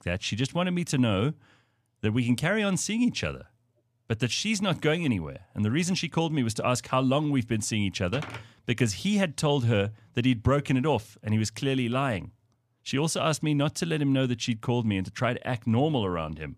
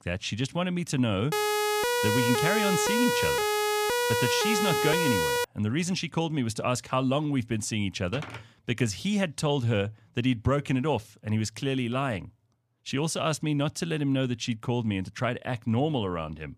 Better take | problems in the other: first | siren; loud; from 1.5 to 5.5 s; peak 3 dB above the speech

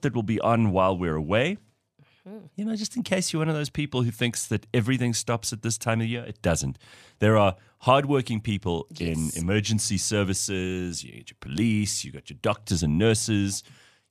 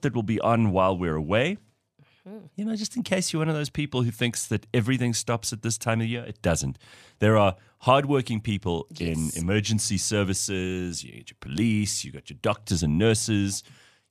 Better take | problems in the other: neither | none

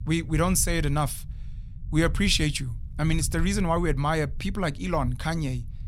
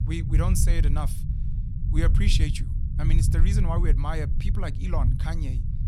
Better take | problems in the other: first | low rumble; loud; throughout; 7 dB below the speech; faint in the first

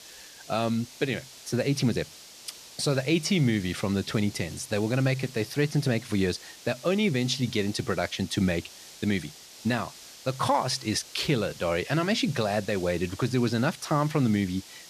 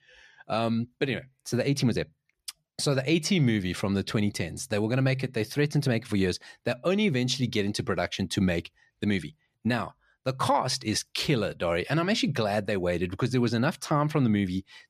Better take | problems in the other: second | hiss; noticeable; throughout; 15 dB below the speech

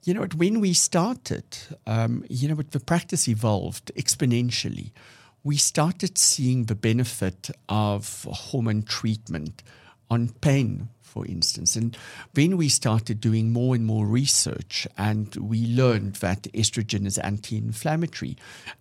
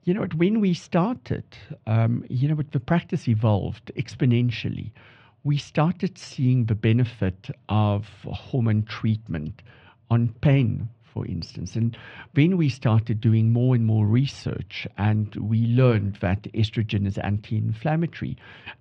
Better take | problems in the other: first | muffled; very; fading above 3 kHz

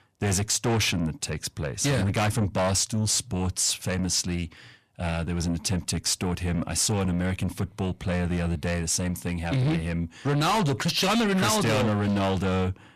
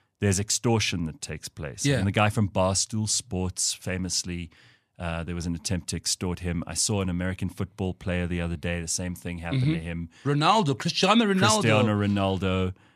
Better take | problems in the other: second | distortion; heavy; 6 dB below the speech

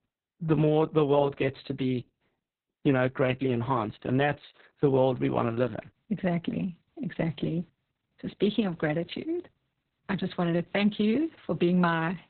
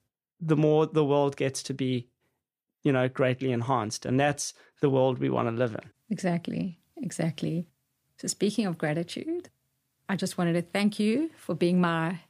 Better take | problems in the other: second | garbled, watery; badly; nothing above 4 kHz

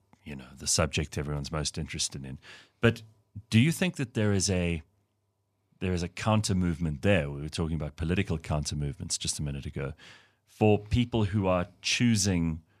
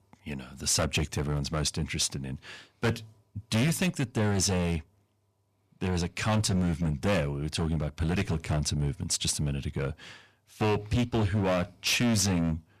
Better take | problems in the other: first | distortion; heavy; 11% of the sound clipped

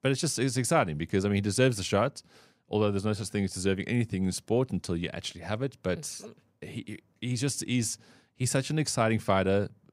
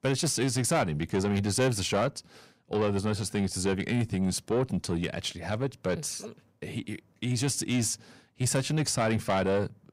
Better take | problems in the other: first | distortion; slight; 10 dB below the speech

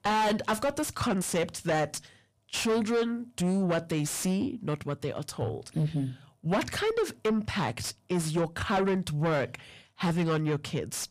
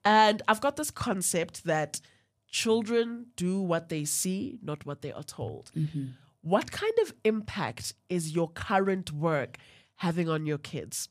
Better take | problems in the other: second | distortion; heavy; 6 dB below the speech

